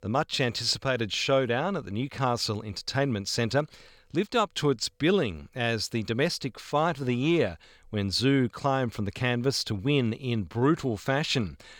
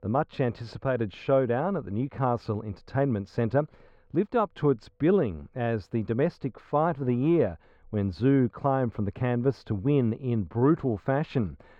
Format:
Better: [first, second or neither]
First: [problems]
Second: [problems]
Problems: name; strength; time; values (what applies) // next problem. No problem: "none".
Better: first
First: none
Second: muffled; very; fading above 2.5 kHz